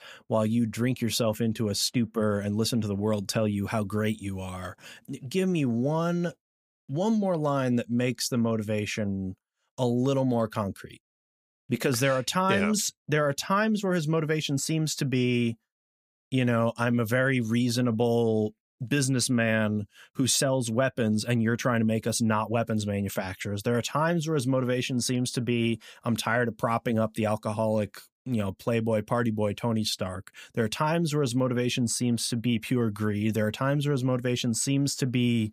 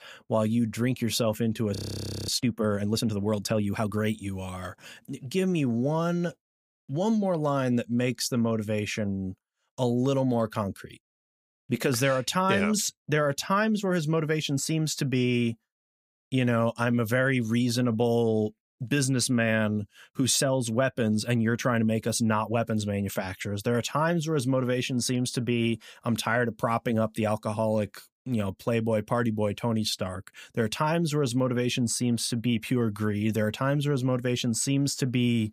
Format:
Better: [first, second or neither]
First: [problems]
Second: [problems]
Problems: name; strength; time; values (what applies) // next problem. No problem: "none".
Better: first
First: none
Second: audio freezing; at 2 s for 0.5 s